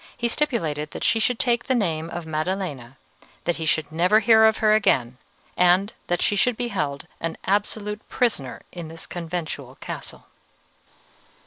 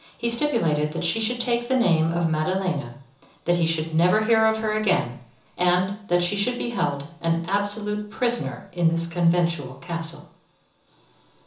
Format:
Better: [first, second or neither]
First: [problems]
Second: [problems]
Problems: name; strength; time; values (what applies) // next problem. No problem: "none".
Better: first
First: none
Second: room echo; dies away in 0.7 s